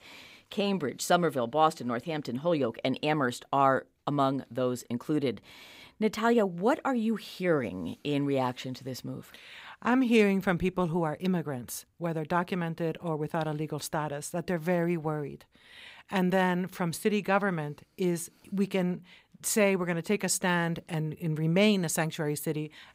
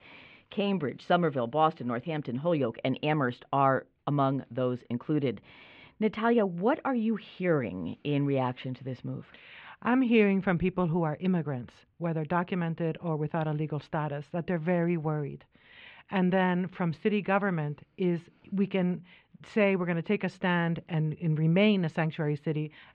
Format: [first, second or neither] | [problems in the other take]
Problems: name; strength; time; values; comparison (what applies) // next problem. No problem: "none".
first | muffled; very; fading above 3 kHz